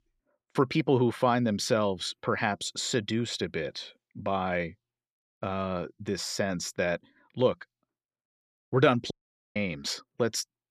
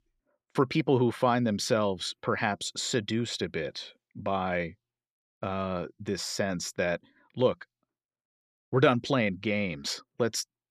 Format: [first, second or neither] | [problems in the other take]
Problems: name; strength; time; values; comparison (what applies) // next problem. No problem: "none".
second | audio cutting out; at 9 s